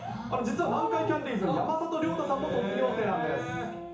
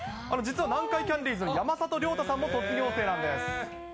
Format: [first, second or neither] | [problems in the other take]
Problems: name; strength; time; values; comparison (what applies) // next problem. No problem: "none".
second | room echo; dies away in 0.8 s